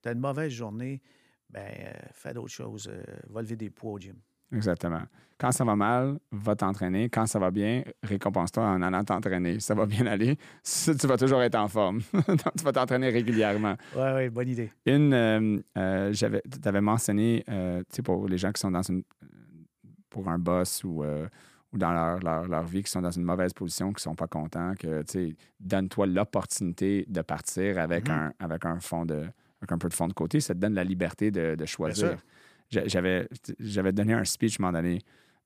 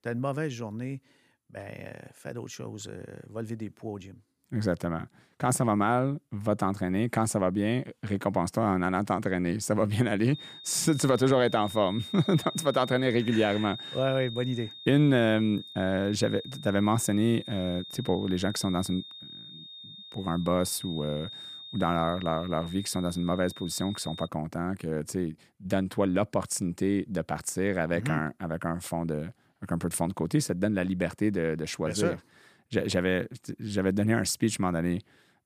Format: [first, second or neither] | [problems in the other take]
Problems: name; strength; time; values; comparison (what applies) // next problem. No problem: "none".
first | high-pitched whine; noticeable; from 10 to 24 s; 3.5 kHz, 15 dB below the speech